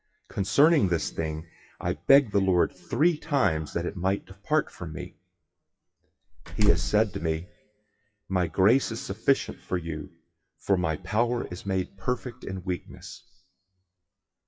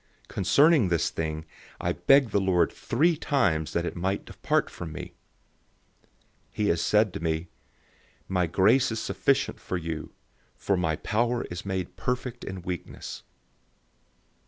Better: second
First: noise reduction (classical method WPE with log-MMSE)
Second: none

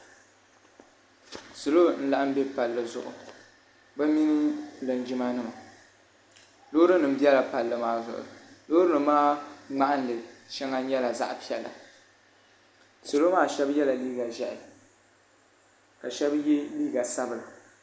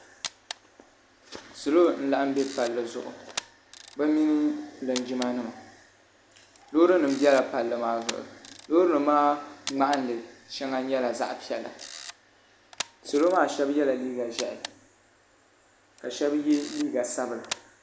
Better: first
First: none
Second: background sound (Camera); 17 dB below the speech

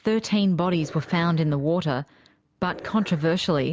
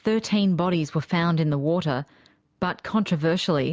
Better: second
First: background sound (Growling); 20 dB below the speech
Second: none

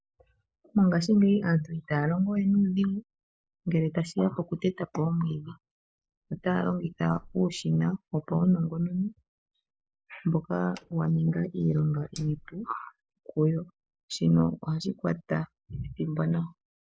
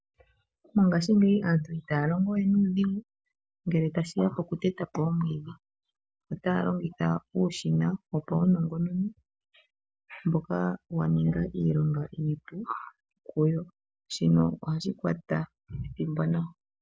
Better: second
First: noise reduction (neural mask model Resemble Enhance denoiser)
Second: none

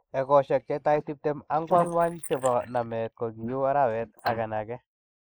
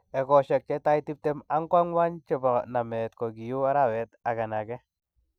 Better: second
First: noise reduction (neural mask model Resemble Enhance denoiser)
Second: none

